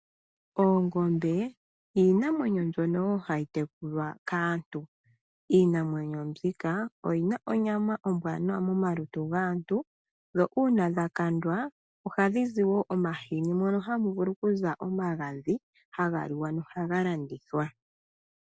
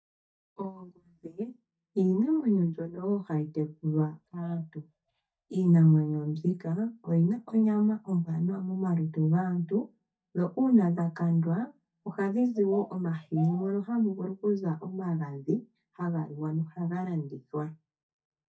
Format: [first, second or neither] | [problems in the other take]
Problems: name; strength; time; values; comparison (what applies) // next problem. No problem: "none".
first | noise reduction (neural mask model DeepFilterNet 3)